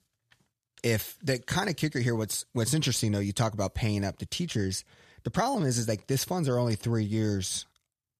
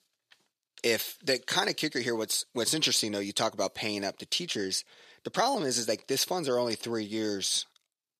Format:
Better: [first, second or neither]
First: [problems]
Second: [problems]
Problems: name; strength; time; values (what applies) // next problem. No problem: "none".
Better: first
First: none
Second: thin; somewhat; fading below 350 Hz